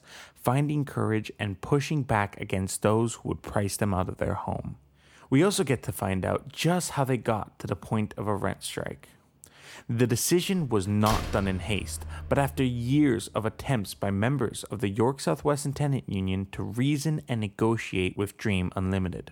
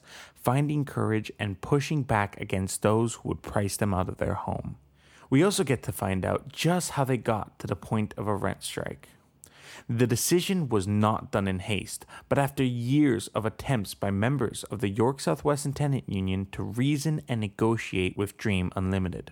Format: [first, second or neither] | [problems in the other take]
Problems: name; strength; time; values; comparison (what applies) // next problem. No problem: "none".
second | door banging; noticeable; from 11 to 13 s; peak 4 dB below the speech